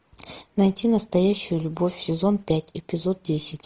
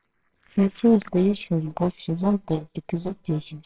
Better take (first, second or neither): first